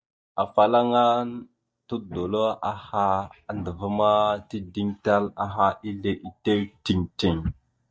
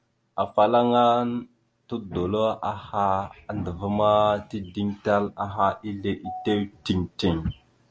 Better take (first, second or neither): second